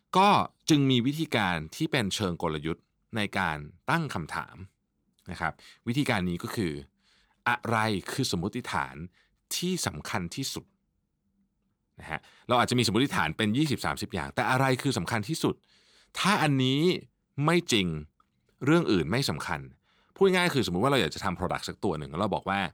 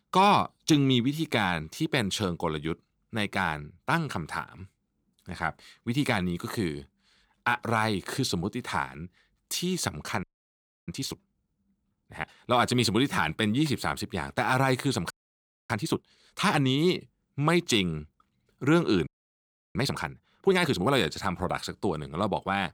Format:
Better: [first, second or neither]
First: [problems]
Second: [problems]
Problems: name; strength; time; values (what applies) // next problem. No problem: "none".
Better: first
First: none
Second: audio freezing; at 10 s for 0.5 s, at 15 s for 0.5 s and at 19 s for 0.5 s